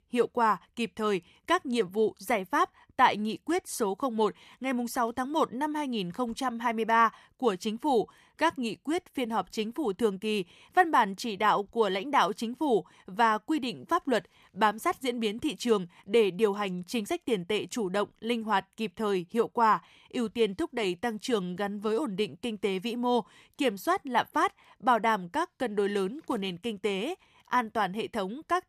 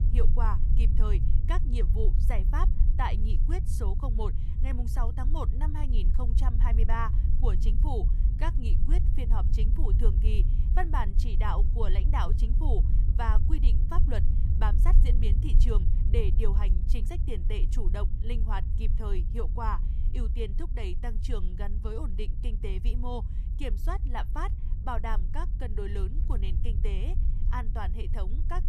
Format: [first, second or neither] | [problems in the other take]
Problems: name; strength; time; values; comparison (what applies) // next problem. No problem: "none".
first | low rumble; loud; throughout; 9 dB below the speech